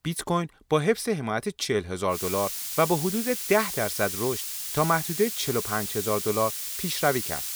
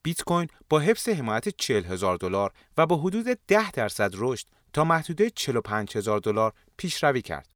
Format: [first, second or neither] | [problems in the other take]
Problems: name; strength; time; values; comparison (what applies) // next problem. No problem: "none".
second | hiss; loud; from 2 s on; 3 dB below the speech